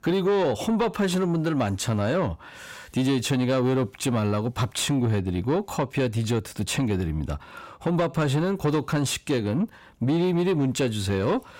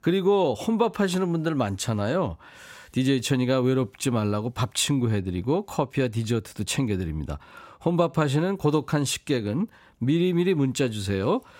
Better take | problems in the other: second | distortion; slight; 10 dB below the speech

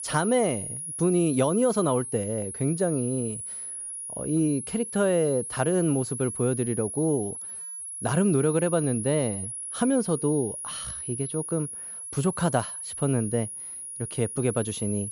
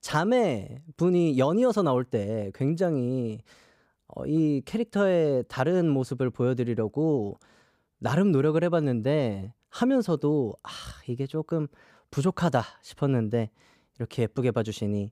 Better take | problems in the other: second | high-pitched whine; loud; throughout; 10.5 kHz, 7 dB below the speech

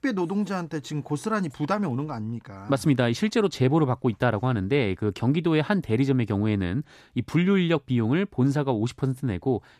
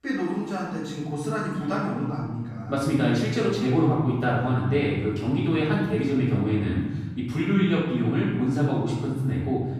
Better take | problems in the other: first | off-mic speech; far // room echo; noticeable; dies away in 1 s

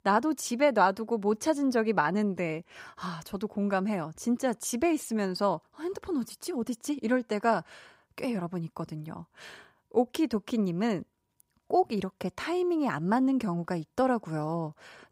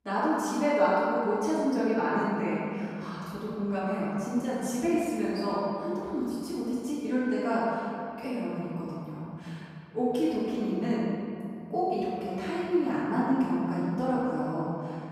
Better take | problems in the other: first | off-mic speech; far // room echo; strong; dies away in 2.8 s

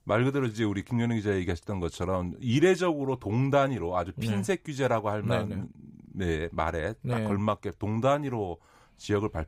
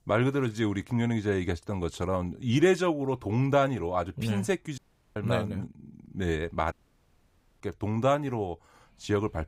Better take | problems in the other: first | audio cutting out; at 5 s and at 6.5 s for 1 s

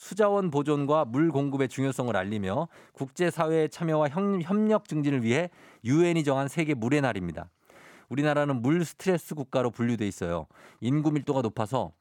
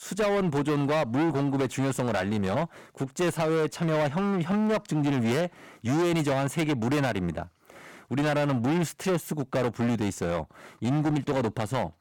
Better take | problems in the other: first | distortion; heavy; 25% of the sound clipped

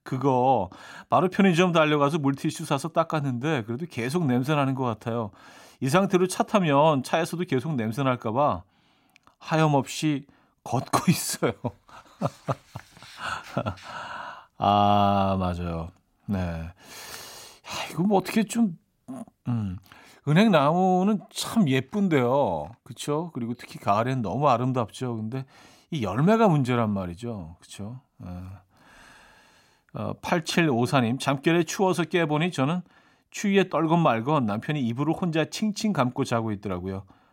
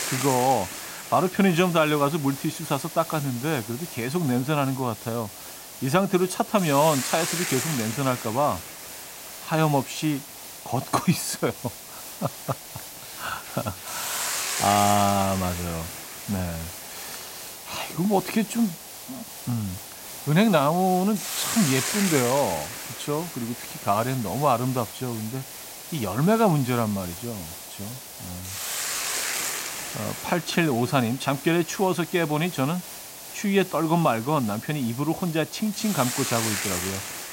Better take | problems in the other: first | hiss; loud; throughout; 7 dB below the speech

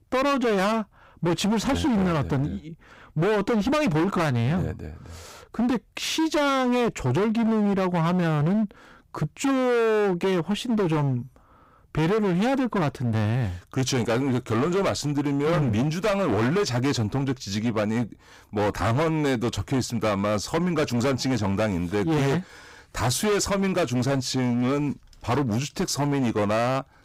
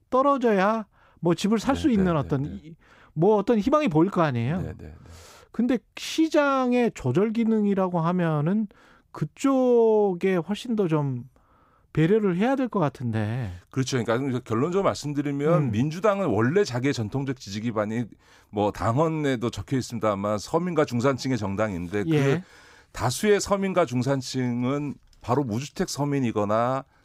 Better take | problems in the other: second | distortion; heavy; 25% of the sound clipped

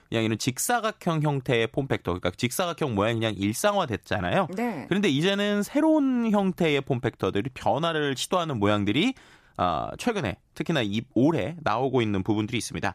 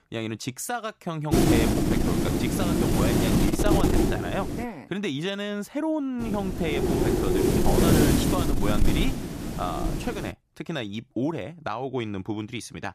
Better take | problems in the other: first | wind noise on the microphone; heavy; from 1.5 to 4.5 s and from 6 to 10 s; 4 dB above the speech

